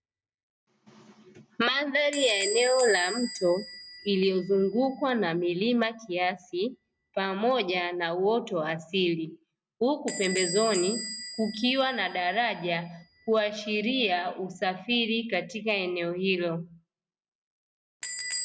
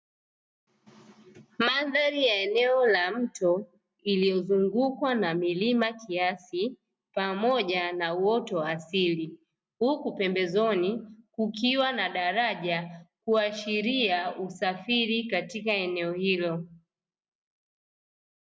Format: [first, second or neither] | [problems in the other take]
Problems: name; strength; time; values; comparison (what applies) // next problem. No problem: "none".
second | background sound (Door / Bell); 12 dB below the speech